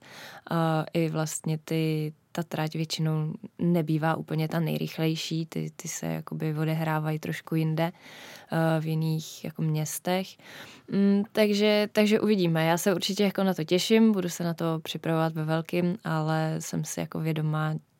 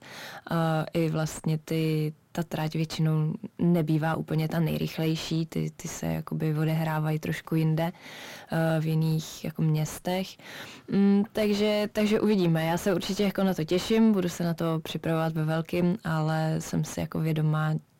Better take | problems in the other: first | distortion; slight; 10 dB below the speech

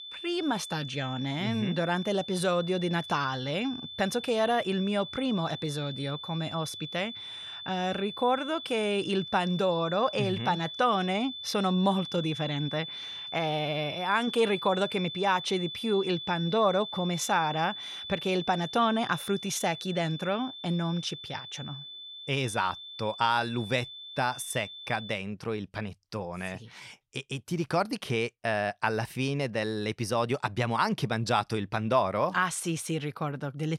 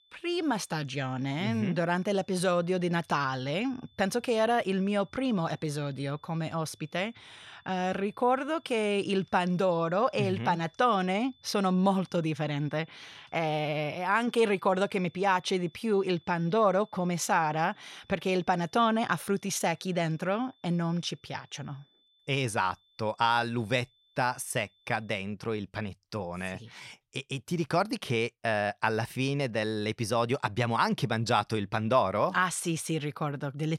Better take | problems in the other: second | high-pitched whine; loud; until 25 s; 3.5 kHz, 9 dB below the speech; faint in the second

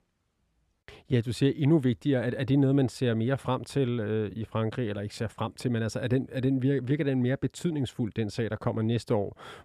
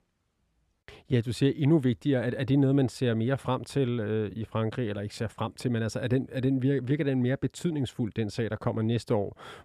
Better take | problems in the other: neither | none

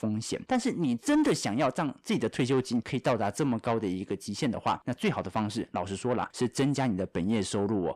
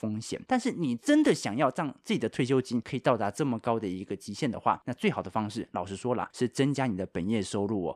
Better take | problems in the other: second | distortion; slight; 10 dB below the speech

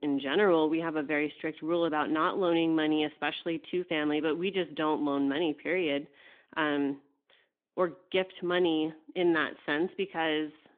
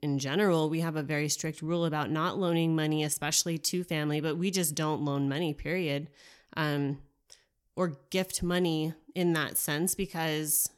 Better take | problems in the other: second | phone-call audio; nothing above 3.5 kHz

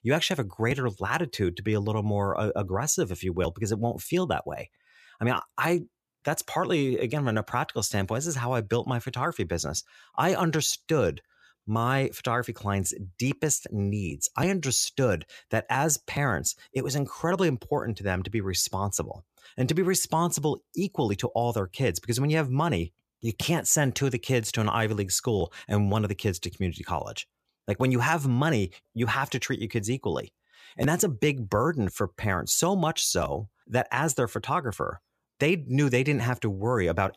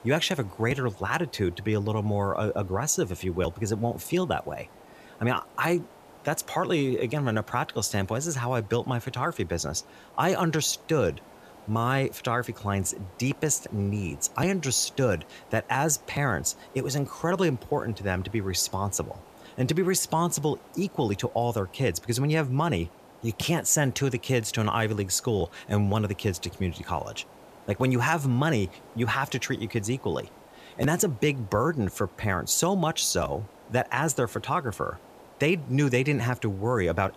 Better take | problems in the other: first | hiss; faint; throughout; 25 dB below the speech

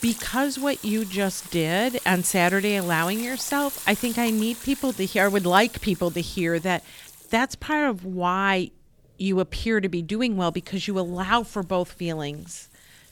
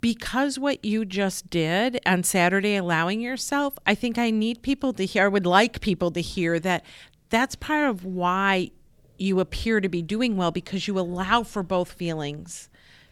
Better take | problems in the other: second | household noises; noticeable; throughout; 10 dB below the speech

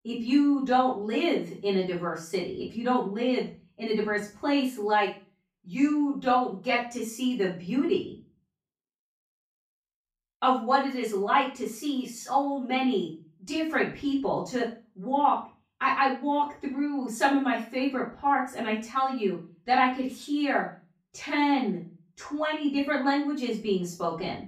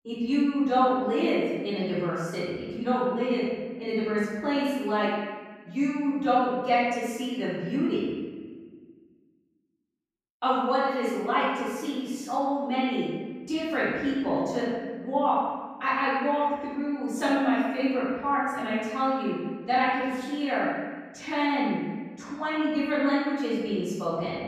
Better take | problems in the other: first | room echo; strong; dies away in 1.4 s; slight in the first // off-mic speech; far; far in the first

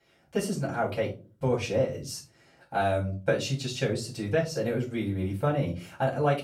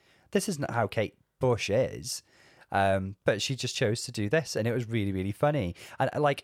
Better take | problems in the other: second | off-mic speech; far // room echo; slight; dies away in 0.3 s

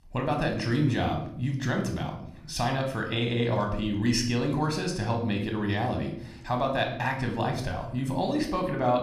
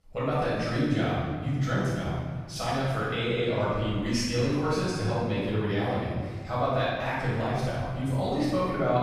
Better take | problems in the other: first | room echo; strong; dies away in 1.9 s; slight in the first // off-mic speech; far

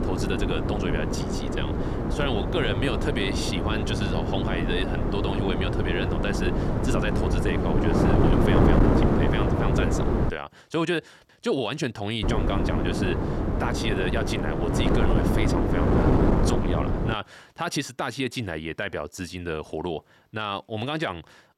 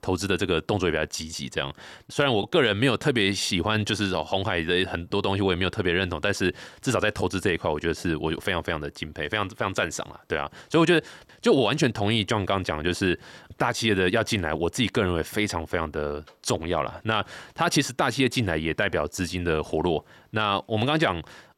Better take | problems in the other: second | wind noise on the microphone; heavy; until 10 s and from 12 to 17 s; 1 dB above the speech

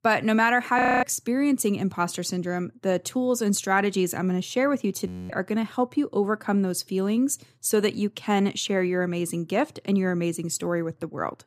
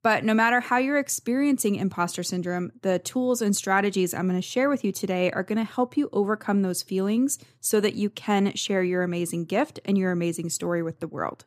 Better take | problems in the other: second | audio freezing; at 1 s and at 5 s

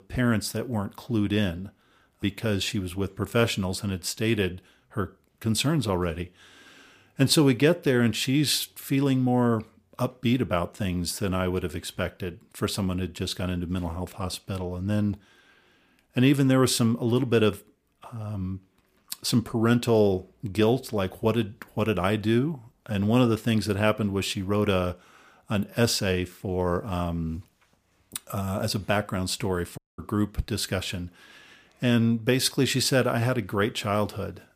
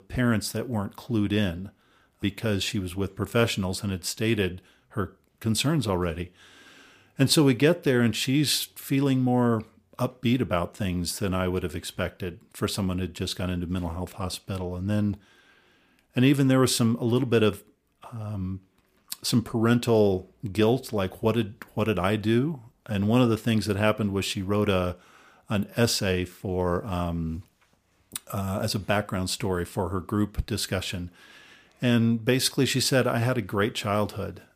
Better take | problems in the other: second | audio cutting out; at 30 s

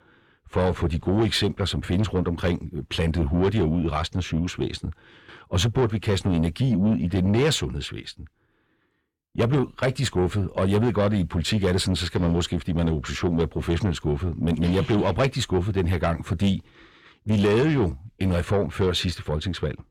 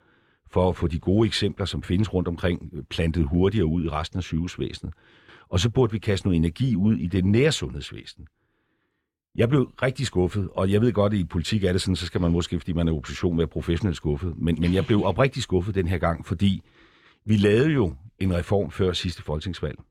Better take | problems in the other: second | distortion; slight; 10 dB below the speech

